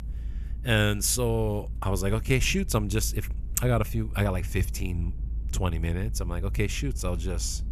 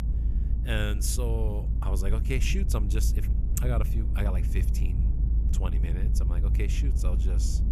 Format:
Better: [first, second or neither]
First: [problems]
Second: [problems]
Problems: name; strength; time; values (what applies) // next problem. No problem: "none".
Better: first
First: low rumble; faint; throughout; 25 dB below the speech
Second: low rumble; loud; throughout; 8 dB below the speech